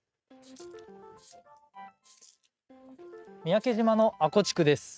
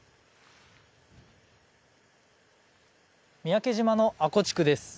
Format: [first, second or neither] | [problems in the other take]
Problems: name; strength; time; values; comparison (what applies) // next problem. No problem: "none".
second | noise reduction (neural mask model RNNoise)